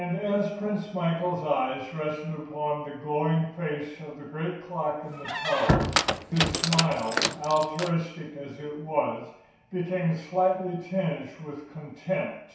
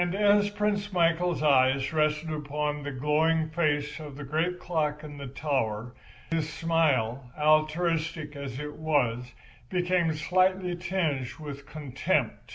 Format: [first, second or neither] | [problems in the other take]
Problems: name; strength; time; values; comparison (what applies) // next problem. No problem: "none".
second | background sound (Squeak); 1 dB above the speech // room echo; dies away in 0.7 s